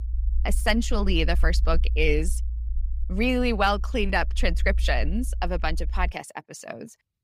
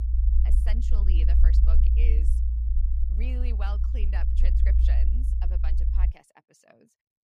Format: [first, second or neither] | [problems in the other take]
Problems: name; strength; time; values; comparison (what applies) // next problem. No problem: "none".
first | low rumble; loud; until 6 s; 1 dB below the speech; faint in the first